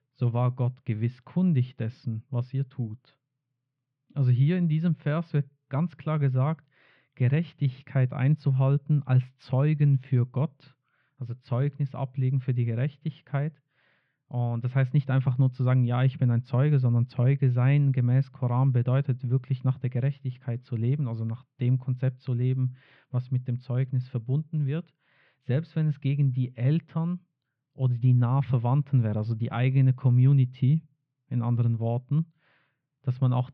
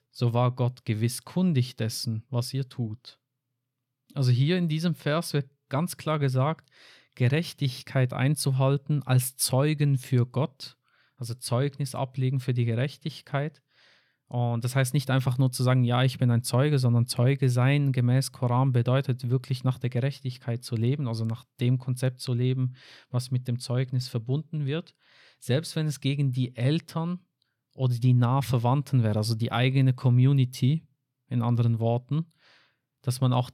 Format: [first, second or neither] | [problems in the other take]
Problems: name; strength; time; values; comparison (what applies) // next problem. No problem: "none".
second | muffled; very; fading above 3 kHz